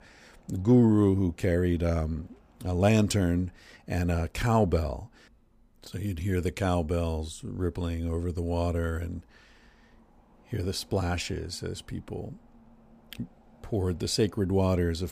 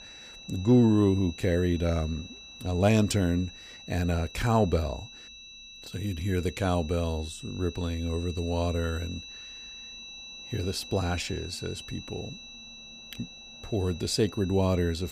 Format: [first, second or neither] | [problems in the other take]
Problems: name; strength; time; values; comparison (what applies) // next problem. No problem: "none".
first | high-pitched whine; noticeable; throughout; 4 kHz, 15 dB below the speech